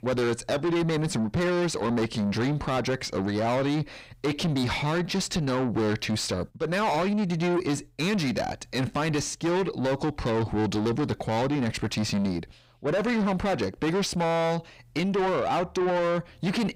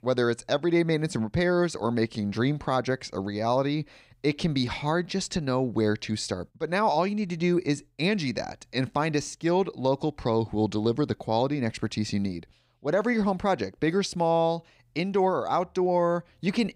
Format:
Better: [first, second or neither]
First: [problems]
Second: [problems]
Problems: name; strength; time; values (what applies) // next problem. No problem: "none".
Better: second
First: distortion; heavy; 6 dB below the speech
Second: none